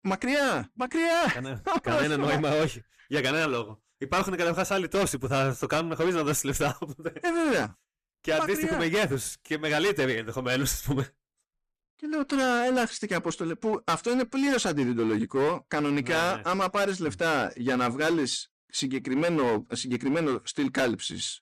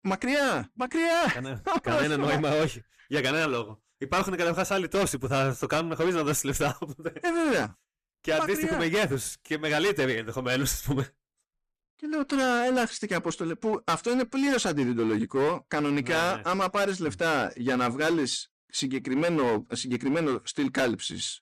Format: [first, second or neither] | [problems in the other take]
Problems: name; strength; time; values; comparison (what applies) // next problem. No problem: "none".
neither | distortion; heavy; 12% of the sound clipped; the same in both